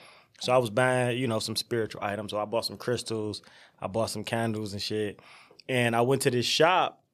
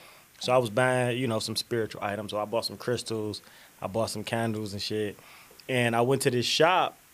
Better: first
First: none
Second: hiss; faint; throughout; 25 dB below the speech

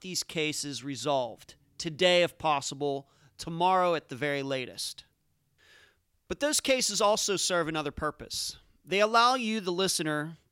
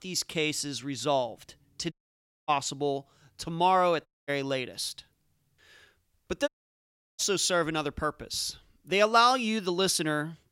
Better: first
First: none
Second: audio cutting out; at 2 s for 0.5 s, at 4 s and at 6.5 s for 0.5 s

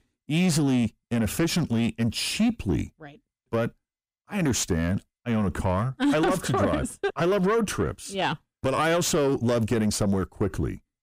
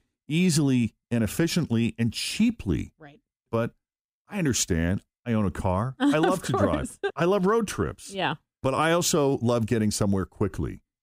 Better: second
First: distortion; slight; 10 dB below the speech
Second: none

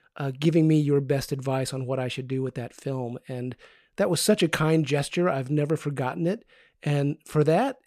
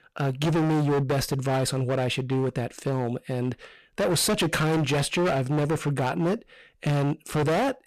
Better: first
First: none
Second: distortion; heavy; 22% of the sound clipped

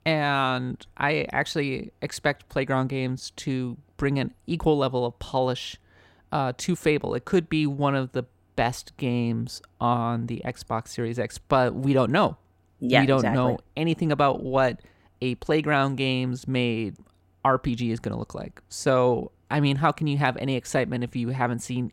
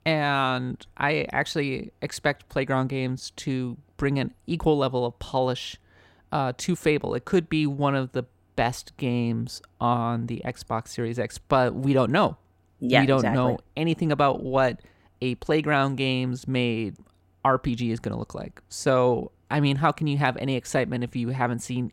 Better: neither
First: none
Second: none

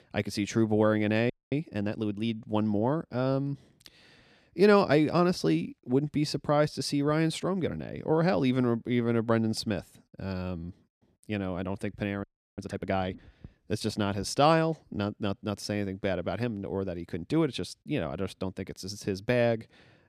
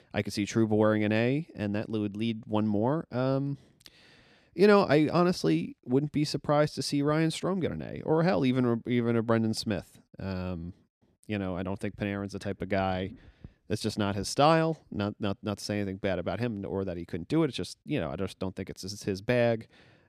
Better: second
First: audio freezing; at 1.5 s and at 12 s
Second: none

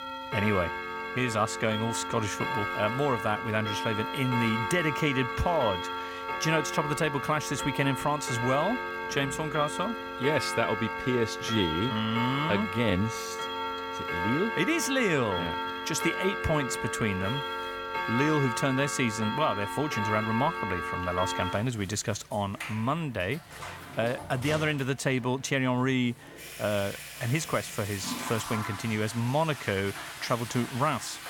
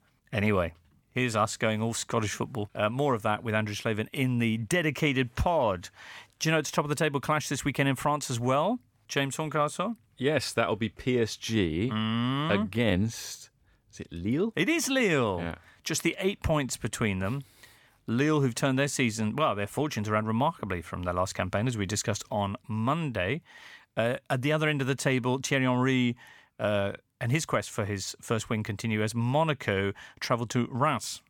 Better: second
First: household noises; loud; throughout; 4 dB below the speech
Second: none

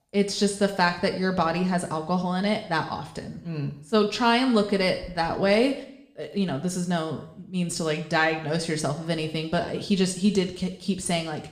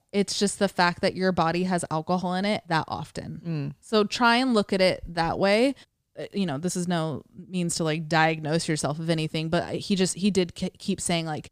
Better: second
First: room echo; slight; dies away in 0.6 s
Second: none

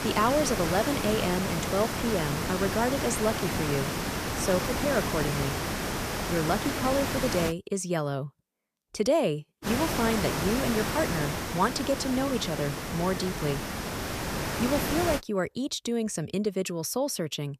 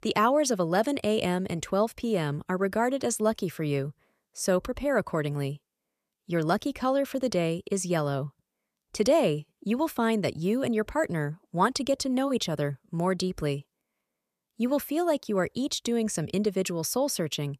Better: second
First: hiss; loud; until 7.5 s and from 9.5 to 15 s; 2 dB below the speech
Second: none

